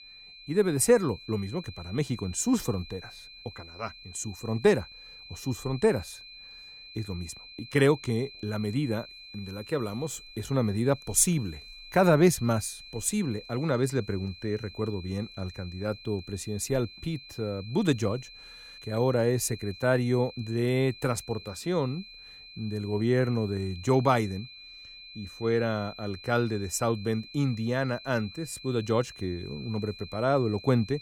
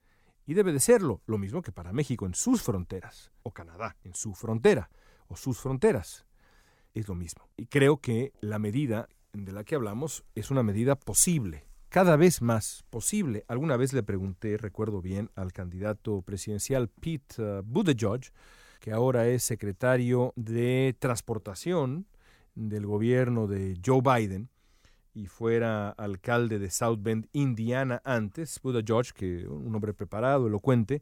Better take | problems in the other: second | high-pitched whine; noticeable; throughout; 4 kHz, 15 dB below the speech

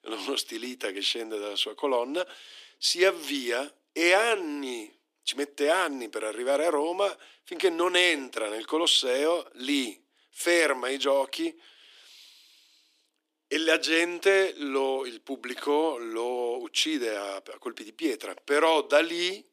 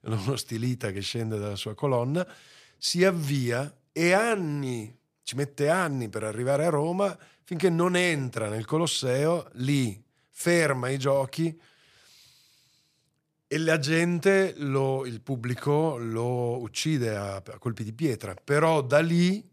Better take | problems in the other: second | thin; somewhat; fading below 300 Hz

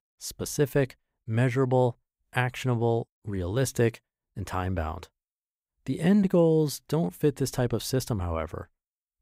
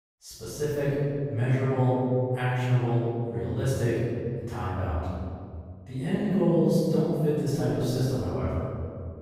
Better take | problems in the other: first | off-mic speech; far // room echo; strong; dies away in 2.5 s

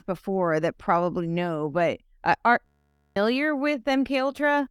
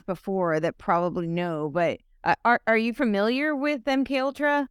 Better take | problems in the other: second | audio freezing; at 2.5 s for 0.5 s

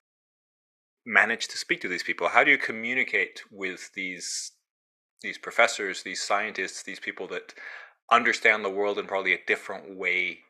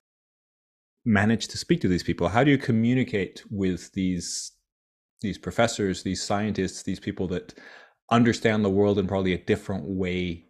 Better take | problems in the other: second | thin; very; fading below 600 Hz

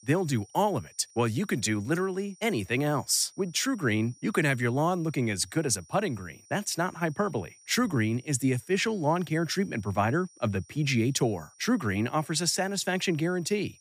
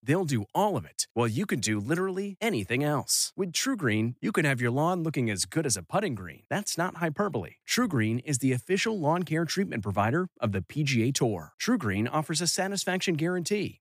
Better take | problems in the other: second | high-pitched whine; faint; throughout; 5.5 kHz, 25 dB below the speech

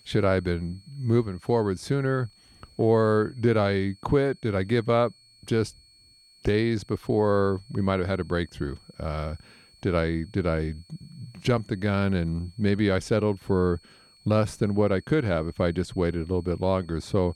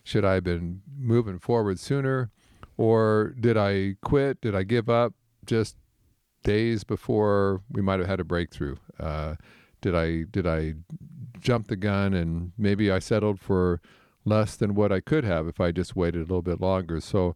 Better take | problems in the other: second | high-pitched whine; faint; throughout; 4.5 kHz, 30 dB below the speech

